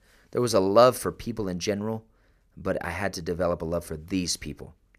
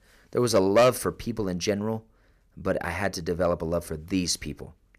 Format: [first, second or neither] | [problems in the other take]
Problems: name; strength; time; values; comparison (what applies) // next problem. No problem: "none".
first | distortion; slight; 1.1% of the sound clipped